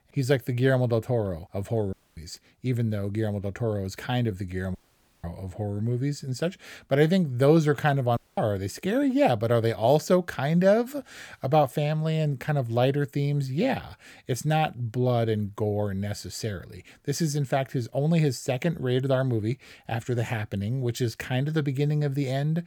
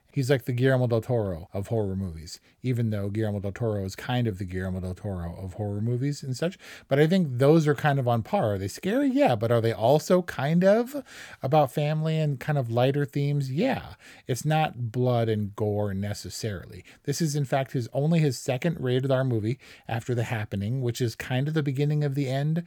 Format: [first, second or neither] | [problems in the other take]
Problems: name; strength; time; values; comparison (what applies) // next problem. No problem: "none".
second | audio cutting out; at 2 s, at 5 s and at 8 s